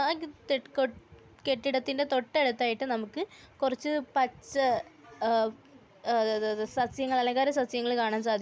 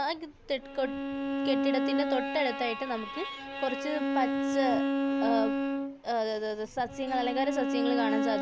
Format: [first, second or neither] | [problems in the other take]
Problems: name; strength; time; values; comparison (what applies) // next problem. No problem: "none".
first | background sound (Bowed string instrument); 1 dB above the speech